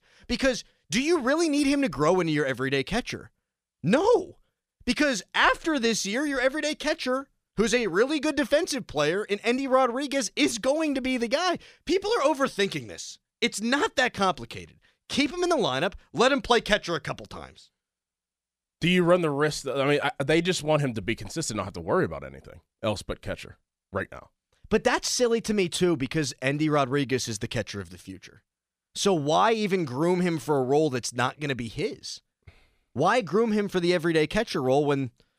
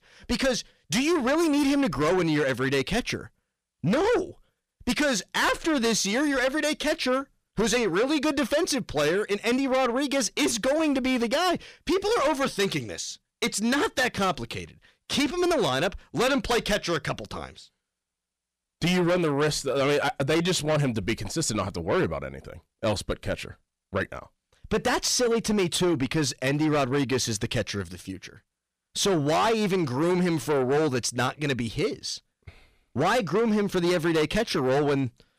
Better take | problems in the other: first | distortion; heavy; 8 dB below the speech

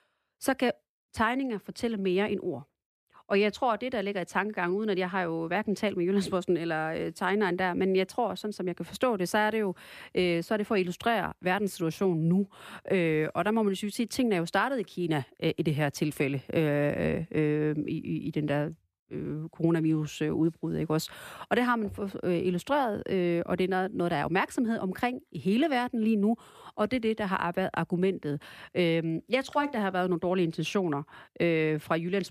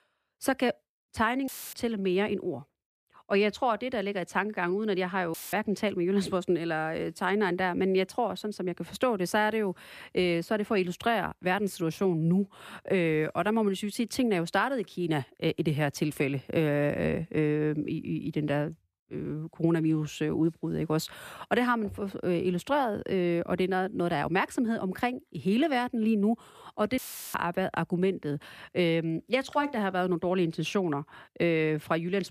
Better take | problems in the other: first | audio cutting out; filled with static; at 1.5 s, at 5.5 s and at 27 s

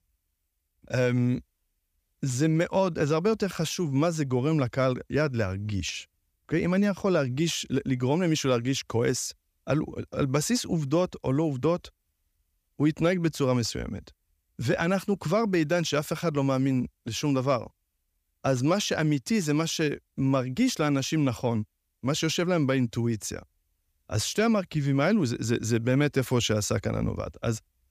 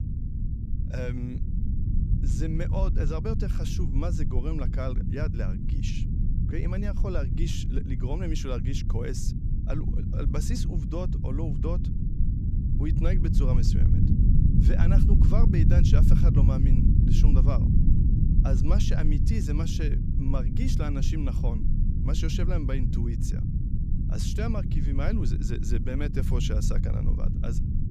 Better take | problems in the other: first | low rumble; loud; throughout; 1 dB below the speech

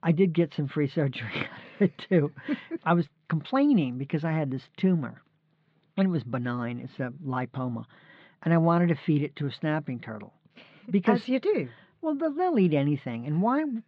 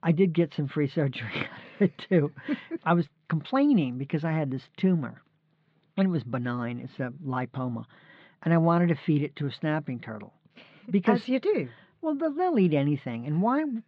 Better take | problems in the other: neither | muffled; very; fading above 4 kHz; the same in both

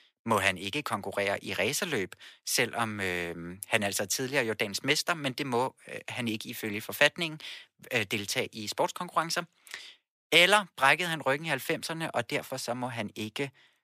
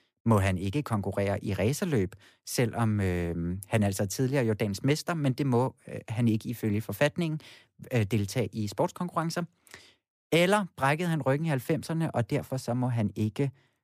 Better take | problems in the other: second | thin; somewhat; fading below 850 Hz

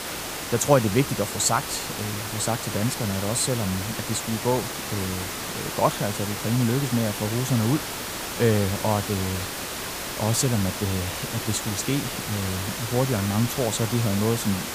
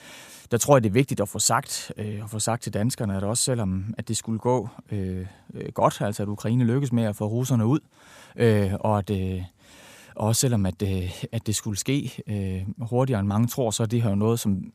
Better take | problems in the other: second | hiss; loud; throughout; 4 dB below the speech

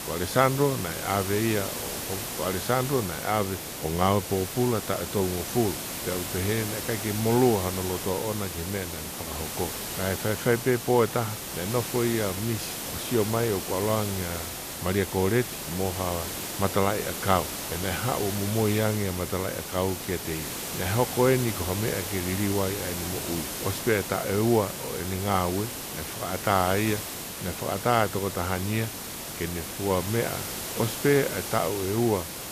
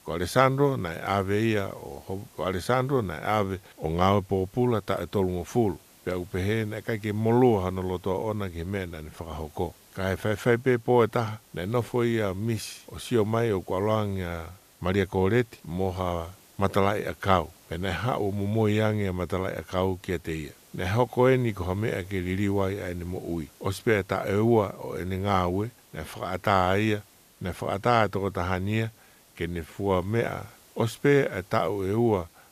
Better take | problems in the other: second | hiss; loud; throughout; 5 dB below the speech; faint in the second

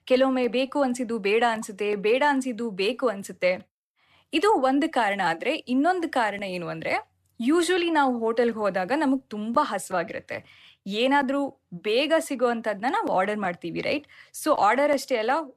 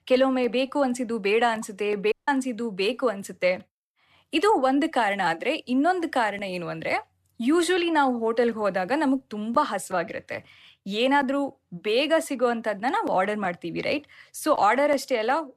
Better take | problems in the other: first | audio cutting out; at 2 s

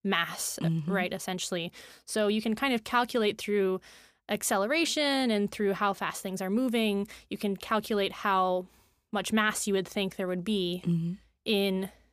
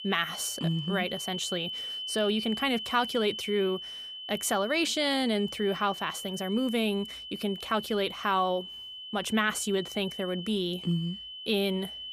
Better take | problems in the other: first | high-pitched whine; loud; throughout; 3 kHz, 8 dB below the speech

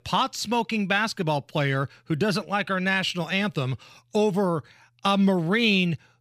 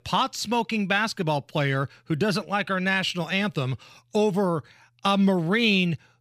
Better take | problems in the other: neither | none

